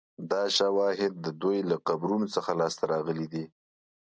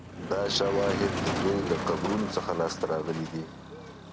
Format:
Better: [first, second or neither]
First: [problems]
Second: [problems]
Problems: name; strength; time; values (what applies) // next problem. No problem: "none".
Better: first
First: none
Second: background sound (Motor vehicle (road)); 4 dB below the speech